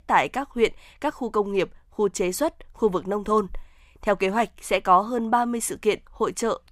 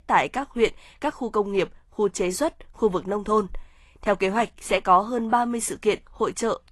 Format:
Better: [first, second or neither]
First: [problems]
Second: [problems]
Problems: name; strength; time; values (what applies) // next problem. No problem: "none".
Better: first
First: none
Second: garbled, watery; slightly; nothing above 11.5 kHz